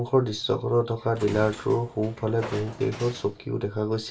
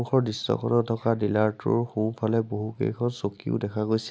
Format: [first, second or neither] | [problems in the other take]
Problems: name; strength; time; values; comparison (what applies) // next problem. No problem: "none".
second | background sound (Train); 17 dB below the speech // room echo; dies away in 0.2 s